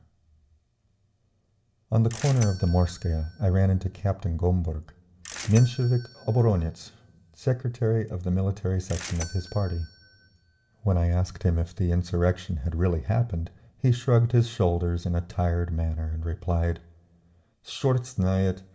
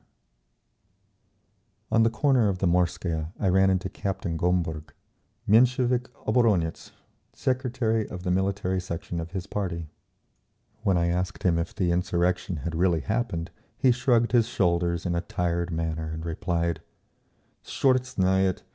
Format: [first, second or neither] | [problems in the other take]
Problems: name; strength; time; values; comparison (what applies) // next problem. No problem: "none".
second | background sound (Bell / Mechanisms); 19 dB below the speech // room echo; dies away in 0.4 s